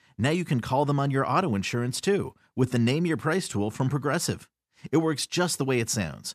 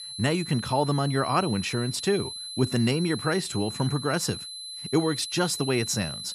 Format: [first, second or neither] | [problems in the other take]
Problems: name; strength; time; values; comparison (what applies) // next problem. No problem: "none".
first | high-pitched whine; loud; throughout; 4 kHz, 8 dB below the speech